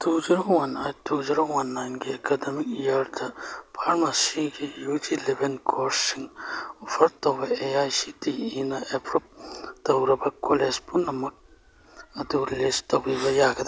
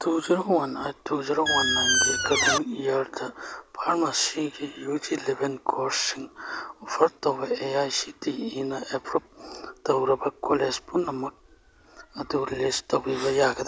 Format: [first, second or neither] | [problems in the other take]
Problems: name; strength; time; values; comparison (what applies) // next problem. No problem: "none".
first | background sound (Squeak); 5 dB above the speech